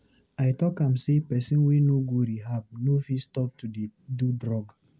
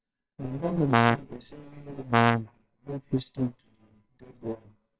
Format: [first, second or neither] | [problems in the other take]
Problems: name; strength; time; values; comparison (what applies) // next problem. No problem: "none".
first | noise reduction (neural separator model SepFormer WHAMR!)